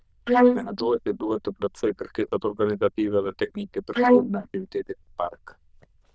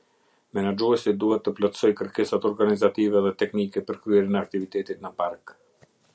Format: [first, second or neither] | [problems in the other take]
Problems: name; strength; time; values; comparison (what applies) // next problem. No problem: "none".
second | noise reduction (neural diffusion model UNIVERSE++)